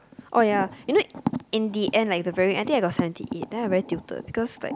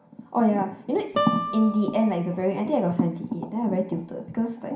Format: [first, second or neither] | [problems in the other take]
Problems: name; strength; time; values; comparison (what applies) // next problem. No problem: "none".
first | background sound (Guitar); 8 dB below the speech // room echo; dies away in 0.5 s